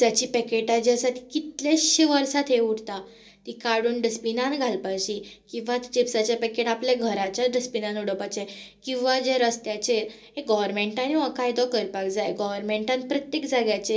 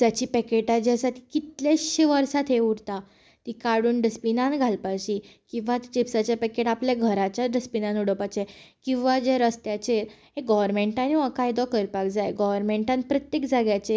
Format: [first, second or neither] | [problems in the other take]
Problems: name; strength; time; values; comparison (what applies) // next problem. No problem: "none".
second | room echo; dies away in 0.2 s